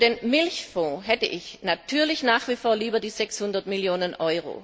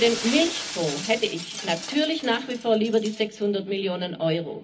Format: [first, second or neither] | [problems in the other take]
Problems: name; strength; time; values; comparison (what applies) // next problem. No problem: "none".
first | background sound (Shatter); 12 dB below the speech // room echo; dies away in 0.4 s